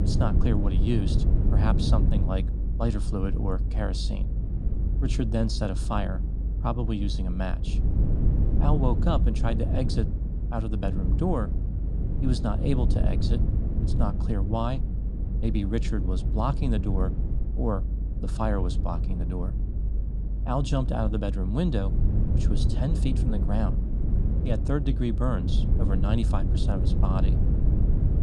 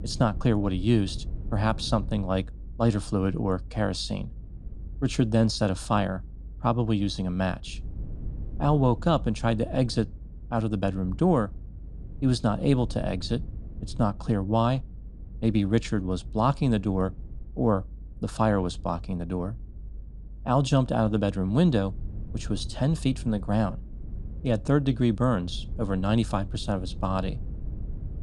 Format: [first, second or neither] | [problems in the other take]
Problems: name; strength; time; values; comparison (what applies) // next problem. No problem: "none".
second | low rumble; loud; throughout; 7 dB below the speech; faint in the second